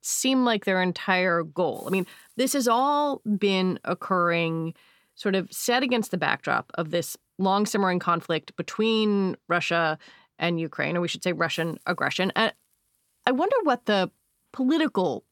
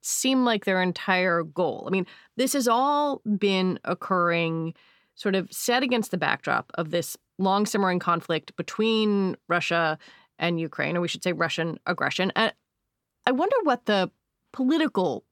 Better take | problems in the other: second | hiss; faint; until 8.5 s and from 12 s on; 30 dB below the speech

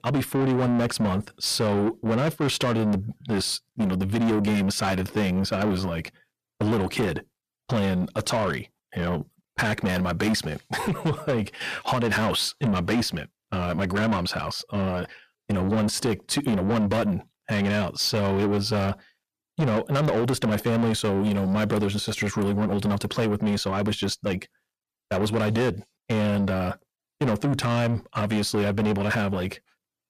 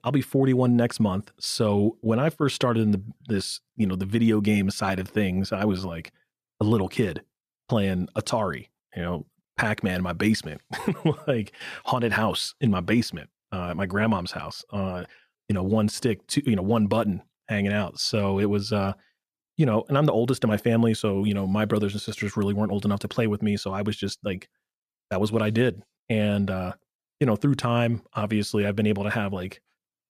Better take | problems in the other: second | distortion; heavy; 8 dB below the speech

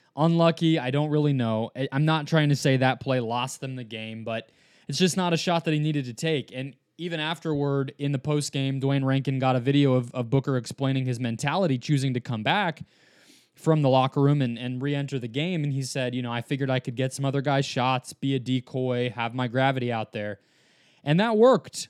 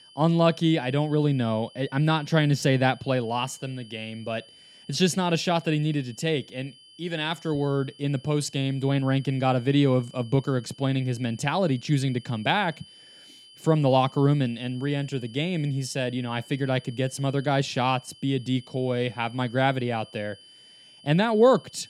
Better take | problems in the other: first | high-pitched whine; faint; throughout; 3 kHz, 25 dB below the speech

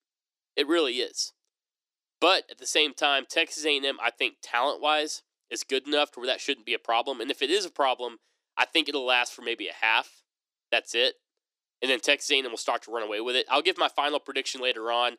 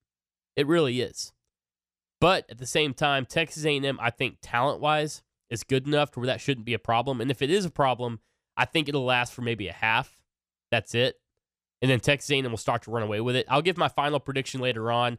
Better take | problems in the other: second | thin; somewhat; fading below 300 Hz

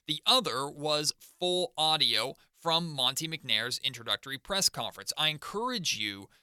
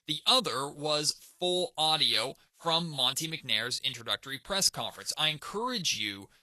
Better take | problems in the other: first | garbled, watery; slightly; nothing above 12.5 kHz

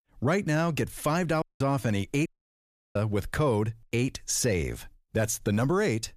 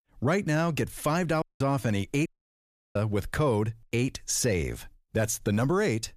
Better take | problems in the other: neither | audio cutting out; at 1.5 s and at 2.5 s for 0.5 s; the same in both

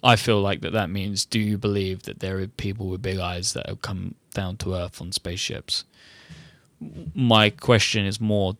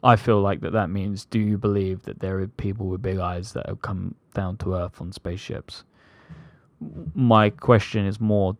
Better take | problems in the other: first | muffled; very; fading above 2 kHz

